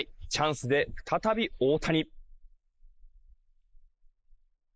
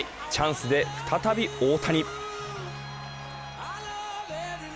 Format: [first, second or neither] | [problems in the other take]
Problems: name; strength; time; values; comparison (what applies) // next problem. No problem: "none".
second | noise reduction (neural mask model Resemble Enhance denoiser)